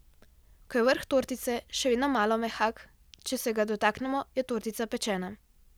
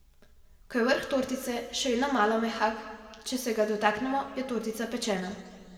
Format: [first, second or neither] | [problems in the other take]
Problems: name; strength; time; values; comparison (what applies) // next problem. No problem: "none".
first | room echo; dies away in 1.8 s